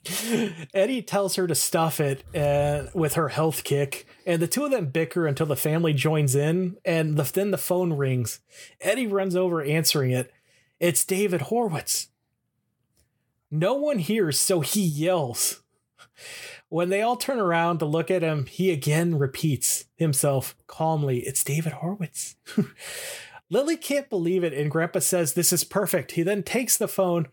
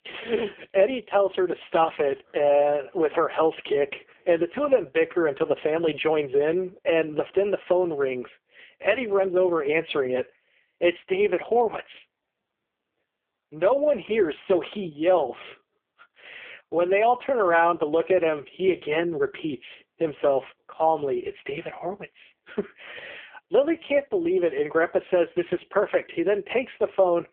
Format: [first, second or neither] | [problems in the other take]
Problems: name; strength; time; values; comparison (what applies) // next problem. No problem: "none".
first | phone-call audio; poor line; nothing above 3.5 kHz